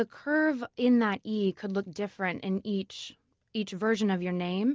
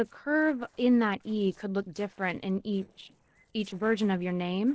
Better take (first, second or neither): first